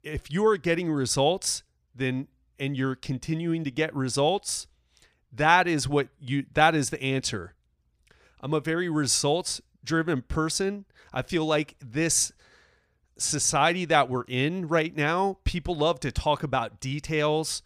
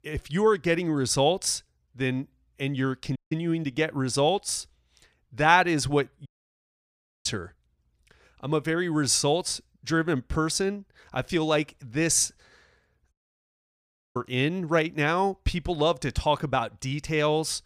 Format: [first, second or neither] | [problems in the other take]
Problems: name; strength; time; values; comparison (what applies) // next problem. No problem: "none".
first | audio cutting out; at 3 s, at 6.5 s for 1 s and at 13 s for 1 s